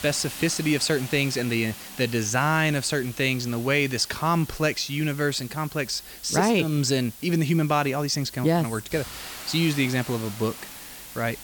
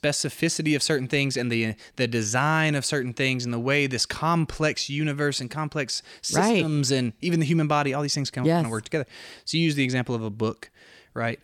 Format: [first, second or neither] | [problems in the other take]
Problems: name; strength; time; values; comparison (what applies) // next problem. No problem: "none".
second | hiss; noticeable; throughout; 15 dB below the speech